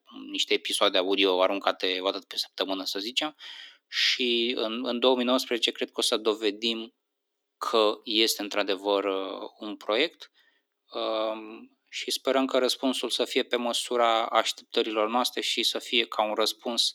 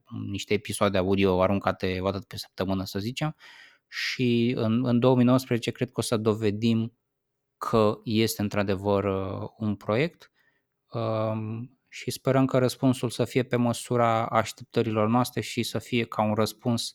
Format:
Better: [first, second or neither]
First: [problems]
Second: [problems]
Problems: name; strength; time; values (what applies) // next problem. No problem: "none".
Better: second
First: thin; somewhat; fading below 300 Hz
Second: none